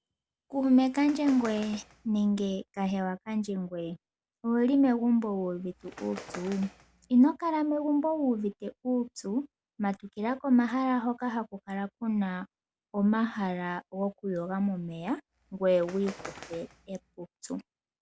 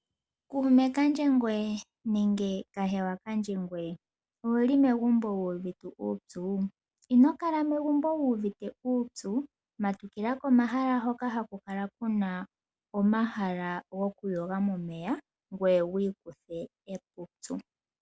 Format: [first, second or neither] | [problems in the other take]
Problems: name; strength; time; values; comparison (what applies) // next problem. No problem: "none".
second | background sound (Bird); 19 dB below the speech